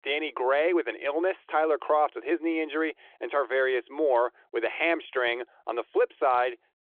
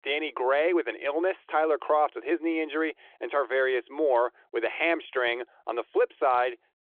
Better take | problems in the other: neither | phone-call audio; nothing above 3.5 kHz; the same in both

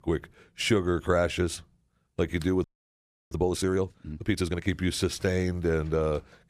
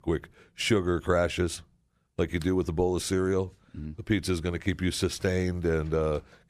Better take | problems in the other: second | audio freezing; at 2.5 s for 0.5 s

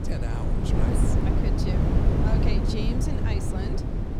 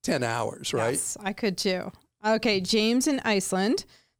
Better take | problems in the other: second | wind noise on the microphone; heavy; 5 dB above the speech

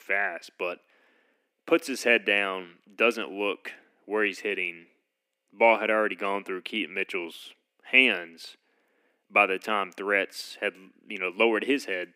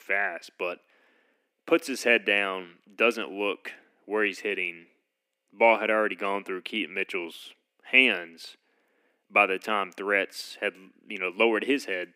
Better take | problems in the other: neither | thin; somewhat; fading below 250 Hz; the same in both

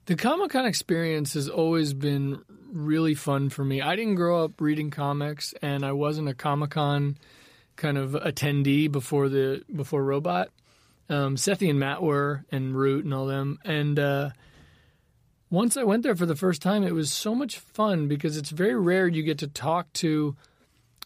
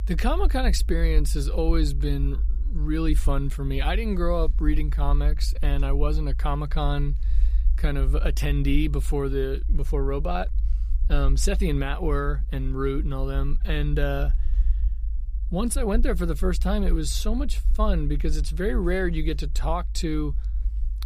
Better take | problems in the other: first | low rumble; faint; throughout; 20 dB below the speech

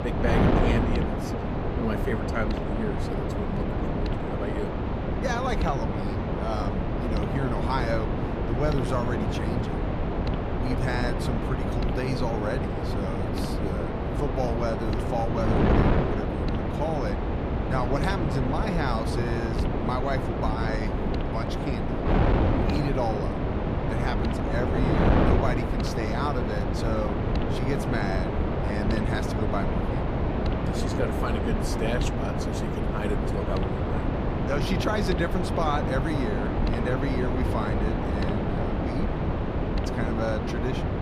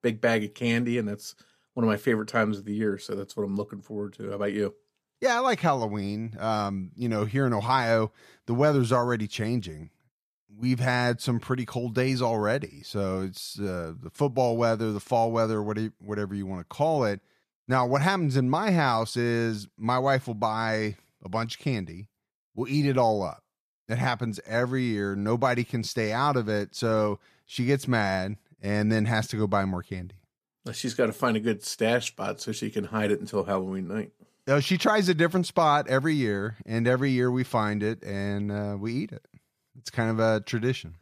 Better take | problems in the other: second | wind noise on the microphone; heavy; 1 dB above the speech

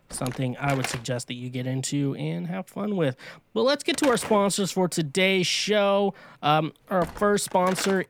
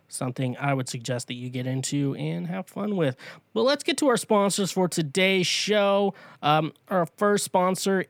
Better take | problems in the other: second | door banging; noticeable; peak 8 dB below the speech

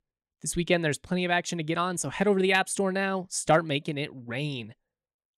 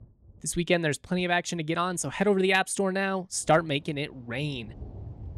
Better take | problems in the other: first | rain or running water; faint; throughout; 20 dB below the speech

